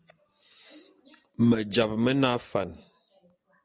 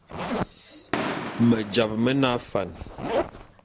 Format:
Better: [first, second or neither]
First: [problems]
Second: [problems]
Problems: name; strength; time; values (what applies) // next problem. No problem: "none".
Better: first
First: none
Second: background sound (Zipper (clothing) + Fireworks); 5 dB below the speech